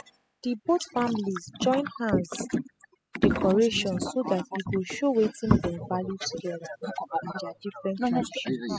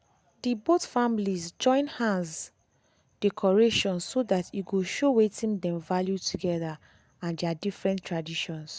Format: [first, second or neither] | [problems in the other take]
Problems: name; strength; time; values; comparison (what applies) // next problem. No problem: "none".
second | noise reduction (classical method spectral subtraction)